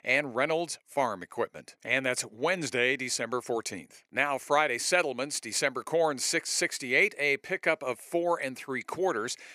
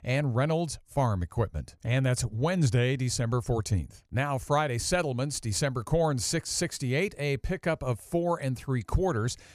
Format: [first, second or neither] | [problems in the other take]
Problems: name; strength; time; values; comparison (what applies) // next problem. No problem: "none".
second | thin; somewhat; fading below 300 Hz